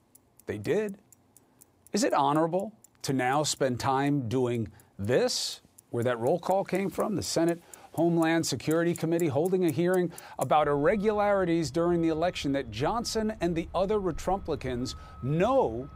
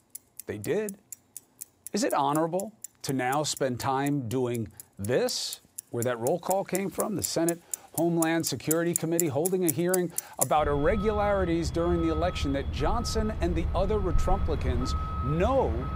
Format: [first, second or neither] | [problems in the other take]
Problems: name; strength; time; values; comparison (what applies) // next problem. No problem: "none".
first | traffic noise; loud; throughout; 6 dB below the speech; faint in the first